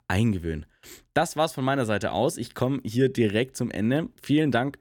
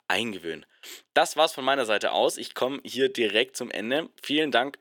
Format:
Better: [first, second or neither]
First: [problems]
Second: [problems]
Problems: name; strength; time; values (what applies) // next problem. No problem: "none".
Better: first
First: none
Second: thin; somewhat; fading below 500 Hz